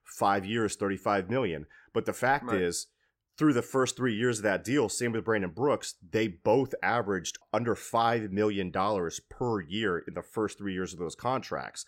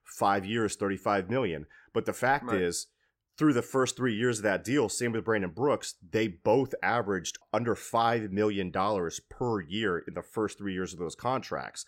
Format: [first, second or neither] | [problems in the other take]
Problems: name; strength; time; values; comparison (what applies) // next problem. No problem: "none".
neither | none